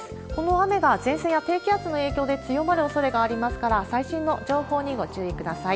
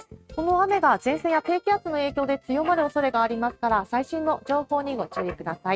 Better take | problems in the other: first | noise reduction (neural mask model RNNoise)

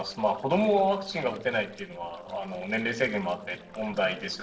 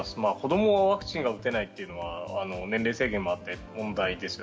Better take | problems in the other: second | noise reduction (neural separator model SepFormer DNS4)

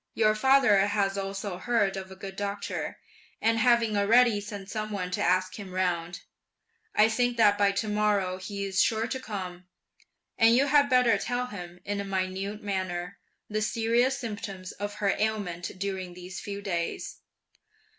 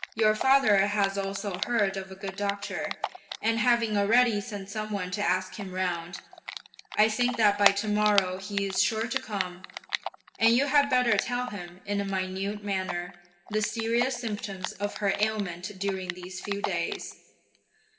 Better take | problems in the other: first | background sound (Typing); 10 dB below the speech // room echo; dies away in 1.2 s

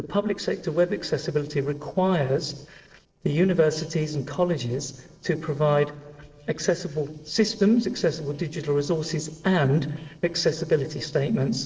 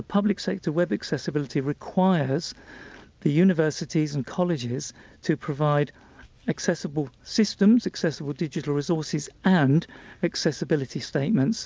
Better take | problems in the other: second | noise reduction (neural separator model SepFormer DNS4)

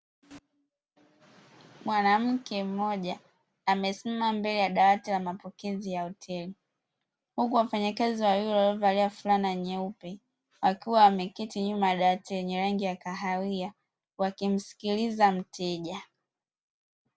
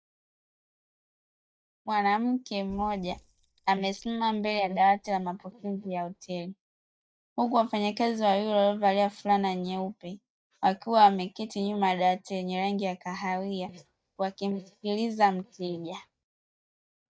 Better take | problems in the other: first | noise reduction (neural mask model DeepFilterNet 3)

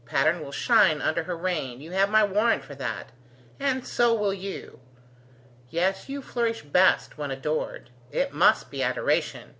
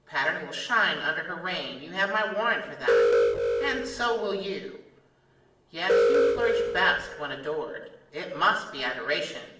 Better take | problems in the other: first | background sound (Alarm); 4 dB above the speech // room echo; dies away in 0.8 s

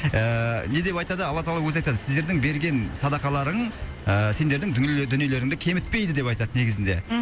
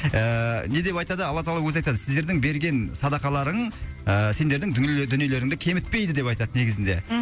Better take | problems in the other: second | background sound (Vehicle); 19 dB below the speech

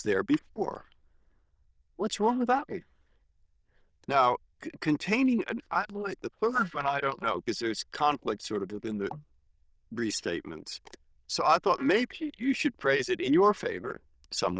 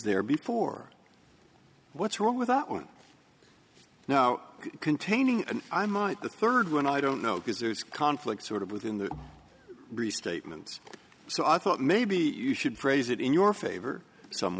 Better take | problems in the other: second | noise reduction (neural diffusion model UNIVERSE++)

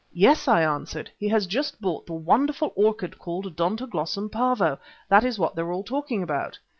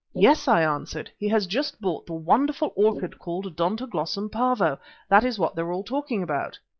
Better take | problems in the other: first | noise reduction (neural mask model Resemble Enhance denoiser)

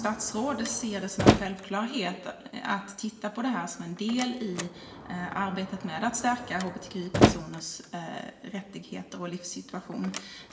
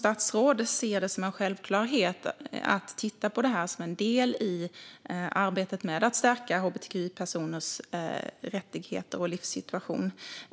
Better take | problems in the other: second | background sound (Slam); 1 dB above the speech // room echo; dies away in 0.9 s

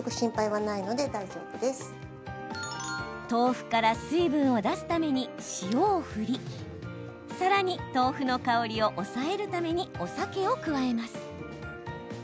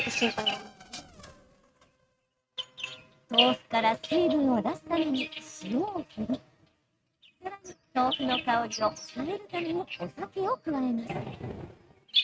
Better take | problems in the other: first | noise reduction (neural mask model RNNoise)

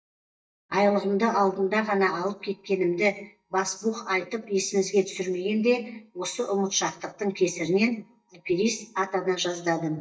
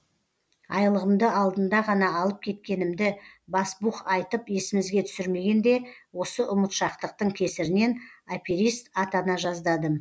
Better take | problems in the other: second | noise reduction (neural mask model DeepFilterNet 3)

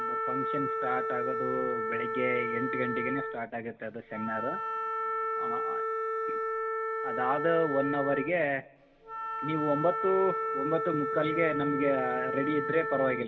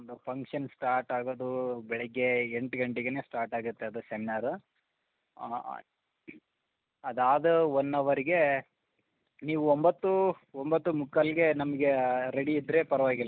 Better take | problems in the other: second | background sound (Wind instrument, woodwind instrument); 1 dB below the speech // room echo; dies away in 0.3 s

